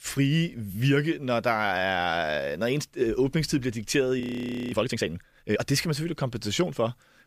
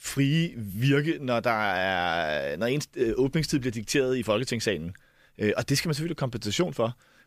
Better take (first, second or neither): second